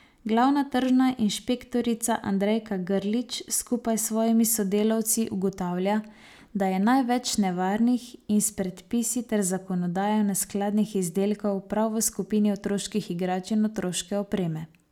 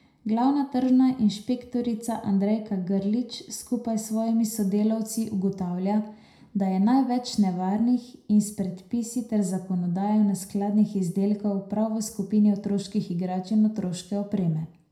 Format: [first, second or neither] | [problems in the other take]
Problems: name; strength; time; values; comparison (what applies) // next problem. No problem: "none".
first | room echo; dies away in 0.4 s